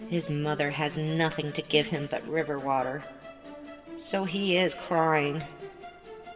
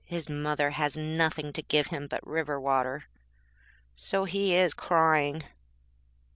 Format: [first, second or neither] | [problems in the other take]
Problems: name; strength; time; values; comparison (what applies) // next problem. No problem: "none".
second | background sound (Musical instrument); 15 dB below the speech // room echo; dies away in 2.8 s